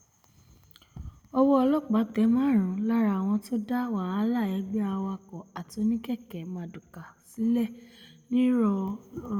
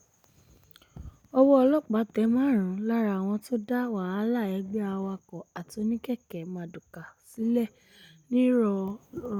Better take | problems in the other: second | room echo; dies away in 0.8 s

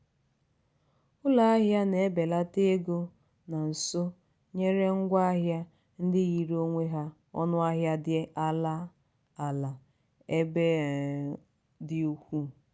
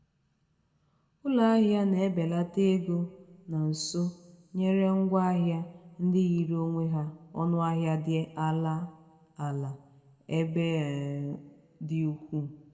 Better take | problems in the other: first | room echo; dies away in 1 s

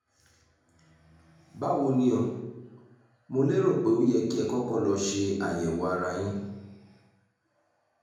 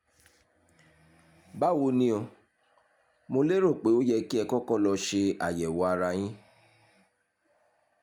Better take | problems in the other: second | room echo; dies away in 0.9 s

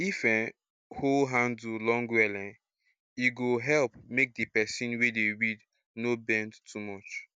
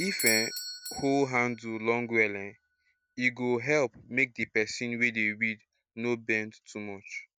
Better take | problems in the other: first | background sound (Bell / Doorbell); 12 dB below the speech

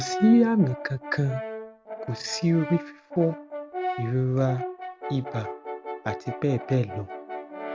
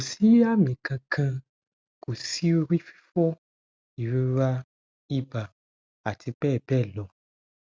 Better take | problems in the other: second | background sound (Brass instrument); 9 dB below the speech

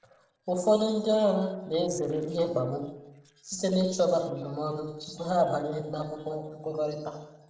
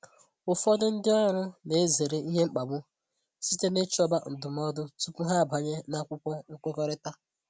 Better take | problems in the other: second | noise reduction (neural separator model SepFormer DNS4)

